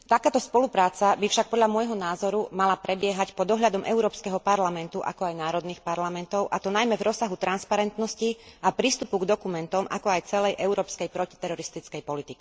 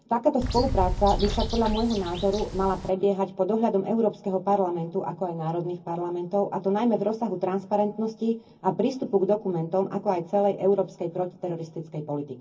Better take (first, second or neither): first